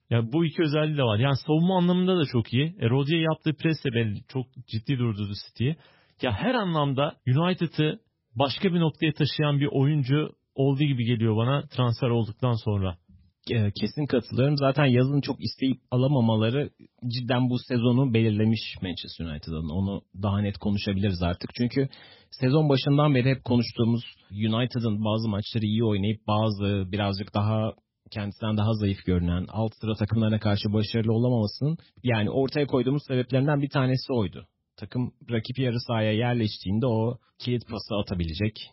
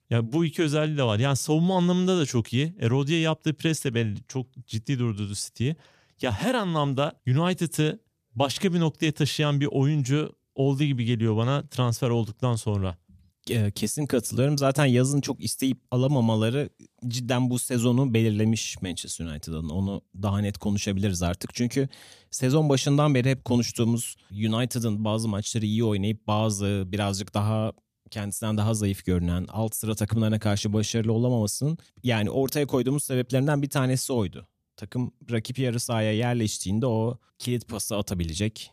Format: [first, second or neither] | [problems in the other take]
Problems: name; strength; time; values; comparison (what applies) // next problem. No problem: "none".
second | garbled, watery; badly; nothing above 5.5 kHz